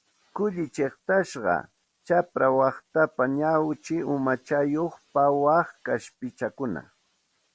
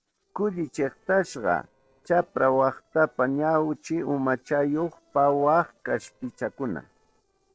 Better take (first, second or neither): first